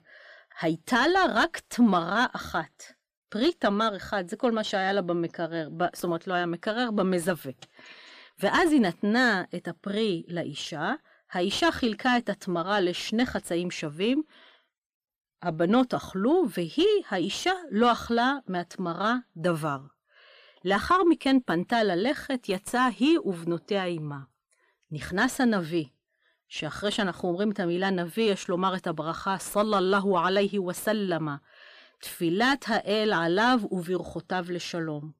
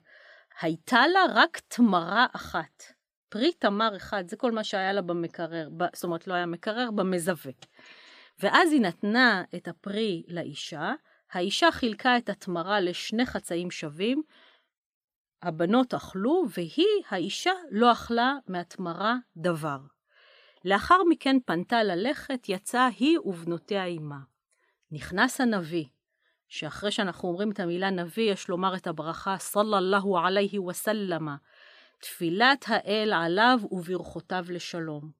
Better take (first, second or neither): second